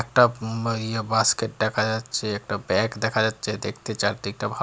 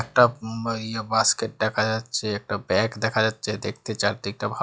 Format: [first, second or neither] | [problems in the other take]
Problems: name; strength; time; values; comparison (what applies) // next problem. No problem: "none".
first | noise reduction (classical method log-MMSE)